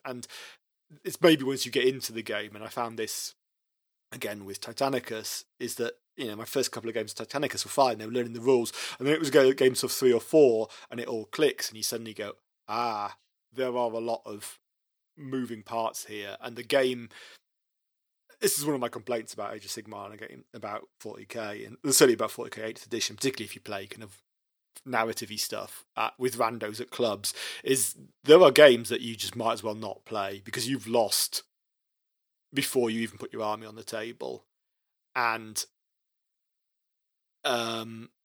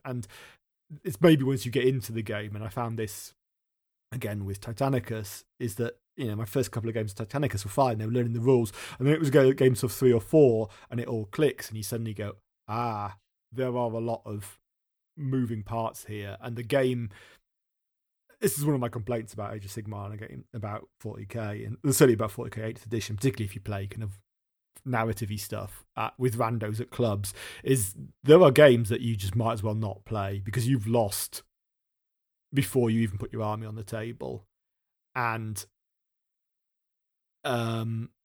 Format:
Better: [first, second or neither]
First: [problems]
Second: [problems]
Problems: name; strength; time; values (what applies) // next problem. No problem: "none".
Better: second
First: thin; somewhat; fading below 300 Hz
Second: none